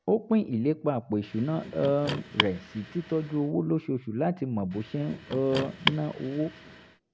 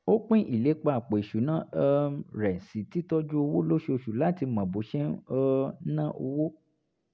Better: second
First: background sound (Car); 7 dB below the speech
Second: none

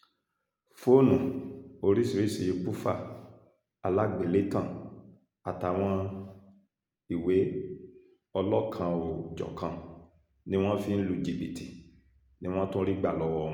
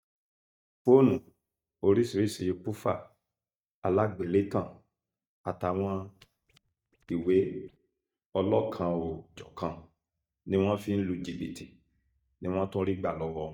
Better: first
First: none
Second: noise reduction (neural mask model DeepFilterNet 3)

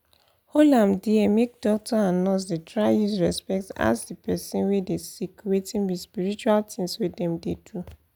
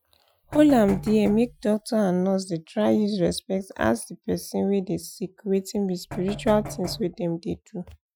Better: first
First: none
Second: noise reduction (classical method Wiener filter)

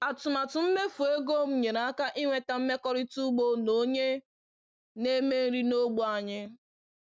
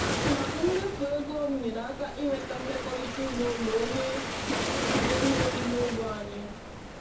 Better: first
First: none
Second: background sound (Waves, surf); as loud as the speech // room echo; dies away in 0.6 s

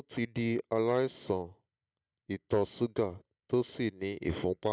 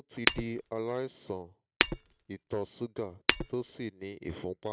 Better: first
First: none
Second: background sound (Shatter); 2 dB above the speech

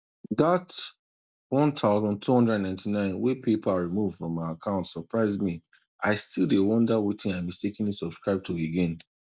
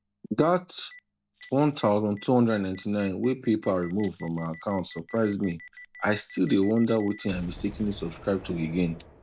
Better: first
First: none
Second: background sound (Rattle (instrument) + Boom); 20 dB below the speech

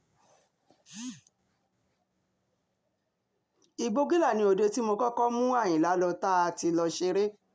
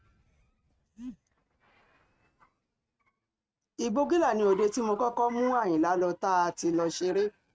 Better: first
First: none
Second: noise reduction (neural mask model RNNoise)

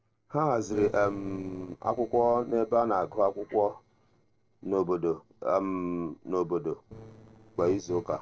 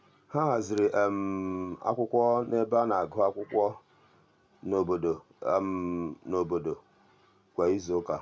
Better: second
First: noise reduction (neural separator model SepFormer DNS4)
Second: none

